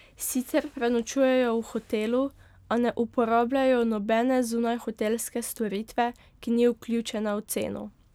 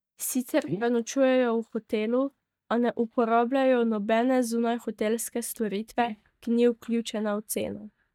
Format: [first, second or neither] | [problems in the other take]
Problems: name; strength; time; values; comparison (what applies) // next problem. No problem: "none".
first | noise reduction (neural mask model DeepFilterNet 3)